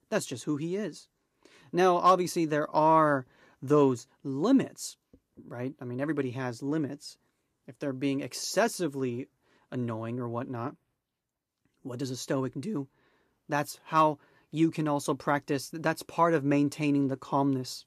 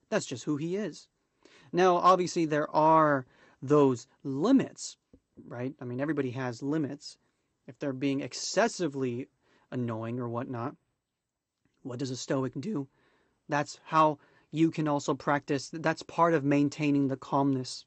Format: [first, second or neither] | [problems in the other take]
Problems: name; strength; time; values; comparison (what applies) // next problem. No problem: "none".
first | garbled, watery; slightly; nothing above 8 kHz